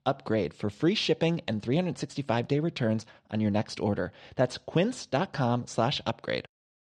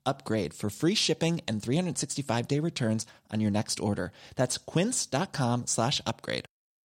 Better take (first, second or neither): second